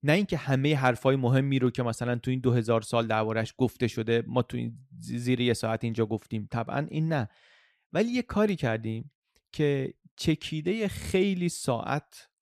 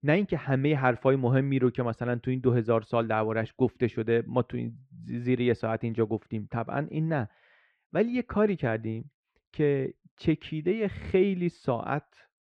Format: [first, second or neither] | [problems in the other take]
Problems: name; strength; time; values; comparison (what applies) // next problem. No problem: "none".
first | muffled; very; fading above 2 kHz